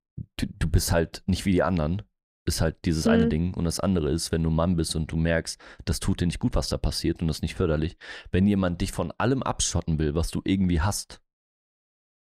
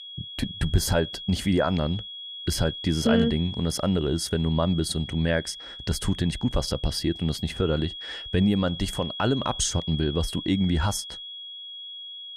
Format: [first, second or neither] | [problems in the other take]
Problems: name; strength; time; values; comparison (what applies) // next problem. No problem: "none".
first | high-pitched whine; loud; throughout; 3.5 kHz, 10 dB below the speech